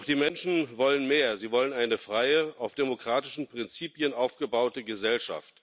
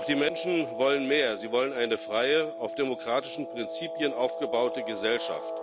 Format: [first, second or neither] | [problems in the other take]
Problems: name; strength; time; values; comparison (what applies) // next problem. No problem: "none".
first | background sound (Guitar); 8 dB below the speech